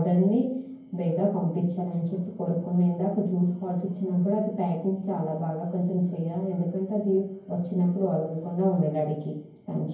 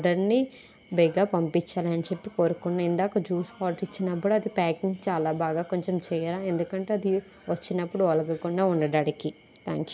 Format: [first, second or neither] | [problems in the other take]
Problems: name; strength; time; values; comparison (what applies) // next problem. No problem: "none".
second | room echo; dies away in 0.9 s